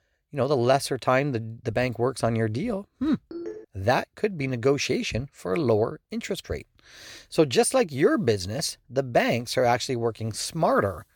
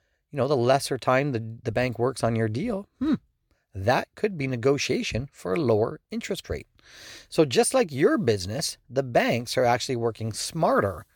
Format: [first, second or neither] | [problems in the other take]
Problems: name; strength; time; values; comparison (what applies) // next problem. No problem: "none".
second | phone ringing; faint; at 3.5 s; peak 10 dB below the speech